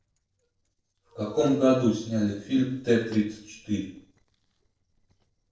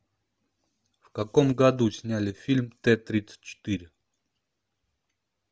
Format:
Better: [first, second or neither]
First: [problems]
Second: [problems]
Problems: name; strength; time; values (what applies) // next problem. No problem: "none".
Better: second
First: noise reduction (neural separator model SepFormer DNS4)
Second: none